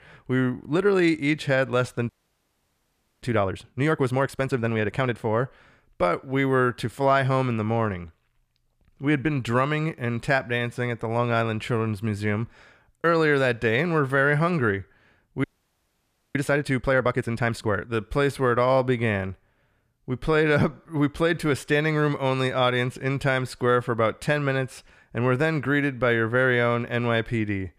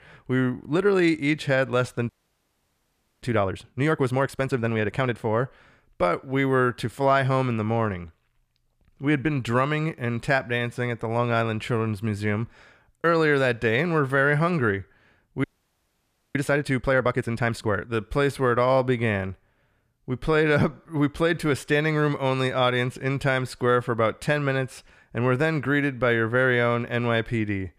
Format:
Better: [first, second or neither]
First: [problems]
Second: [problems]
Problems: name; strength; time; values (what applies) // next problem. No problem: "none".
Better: neither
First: audio freezing; at 2 s for 1 s and at 15 s for 1 s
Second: audio freezing; at 2 s for 1 s and at 15 s for 1 s